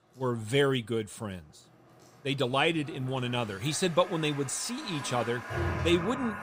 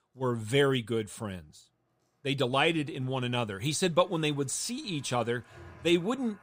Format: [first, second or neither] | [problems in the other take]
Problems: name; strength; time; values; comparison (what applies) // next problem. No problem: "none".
second | household noises; loud; throughout; 8 dB below the speech; faint in the second